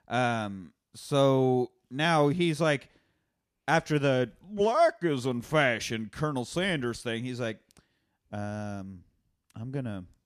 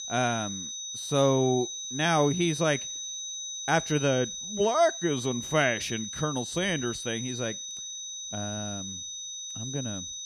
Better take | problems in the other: first | high-pitched whine; loud; throughout; 6 kHz, 6 dB below the speech

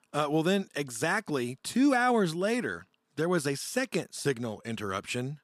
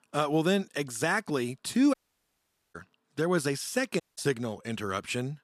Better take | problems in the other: first | audio cutting out; at 2 s for 1 s and at 4 s

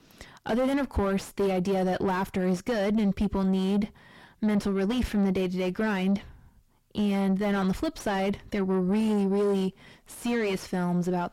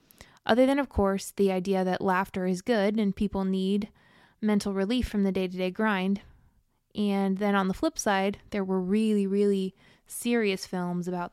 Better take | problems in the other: second | distortion; heavy; 6 dB below the speech

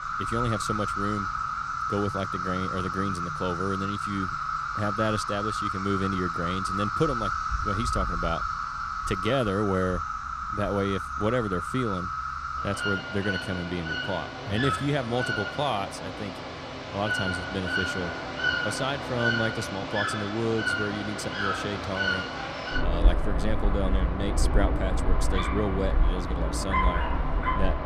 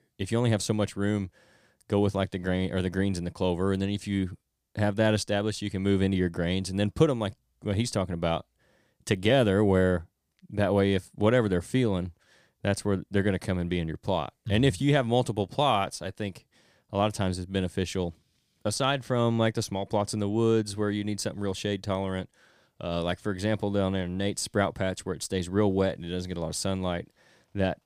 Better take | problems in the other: second | animal sounds; very loud; throughout; 1 dB above the speech

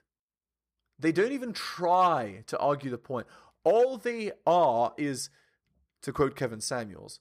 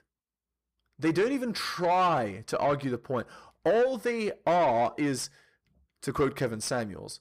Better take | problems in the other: first | distortion; slight; 10 dB below the speech

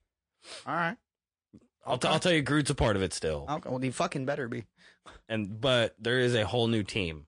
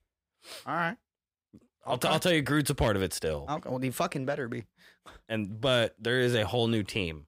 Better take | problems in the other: second | garbled, watery; slightly

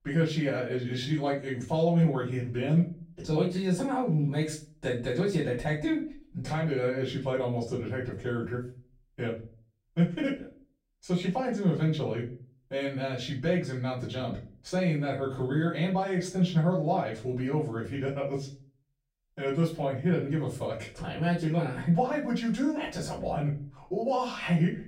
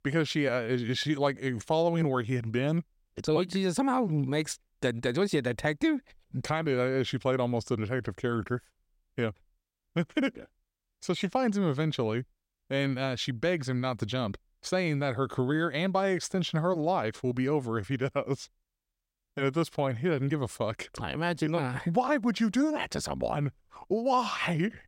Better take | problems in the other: second | off-mic speech; far // room echo; slight; dies away in 0.4 s

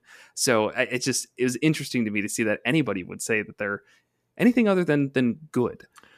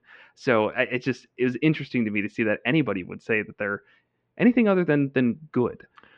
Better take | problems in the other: first | muffled; very; fading above 3 kHz

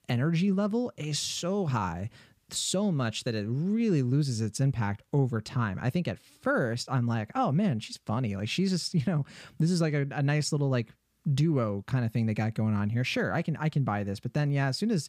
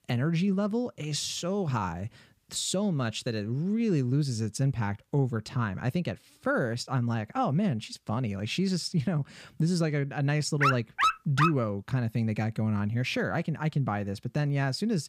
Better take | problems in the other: first | dog barking; loud; at 11 s; peak 3 dB above the speech

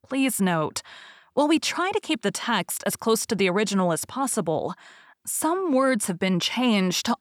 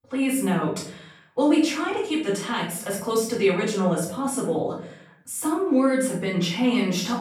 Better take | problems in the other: first | off-mic speech; far // room echo; noticeable; dies away in 0.5 s

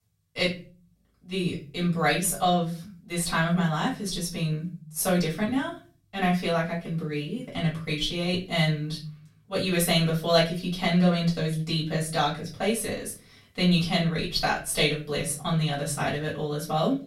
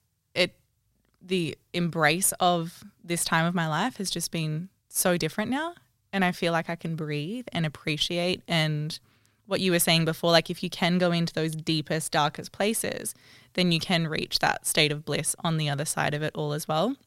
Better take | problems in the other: second | room echo; slight; dies away in 0.4 s // off-mic speech; far

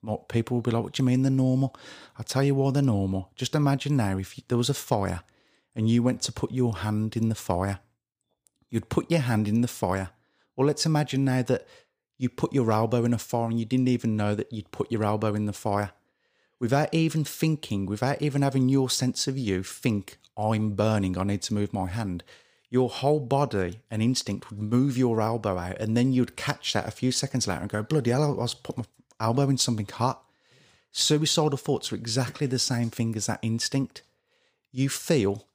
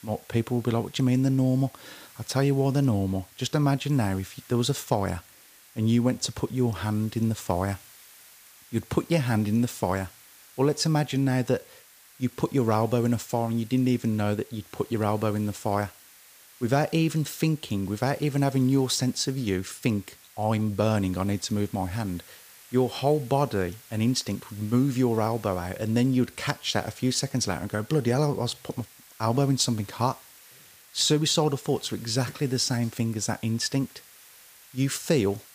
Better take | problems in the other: first | hiss; faint; throughout; 20 dB below the speech

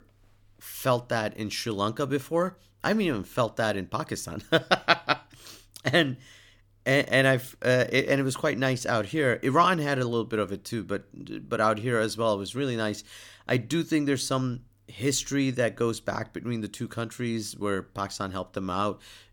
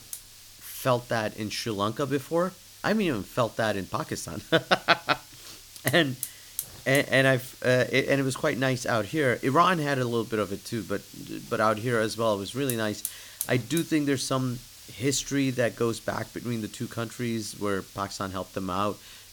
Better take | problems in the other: first | hiss; noticeable; throughout; 15 dB below the speech

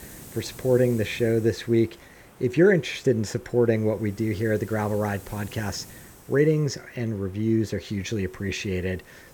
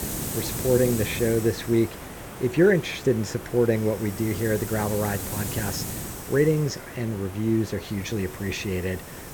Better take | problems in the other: first | hiss; loud; throughout; 8 dB below the speech; faint in the first

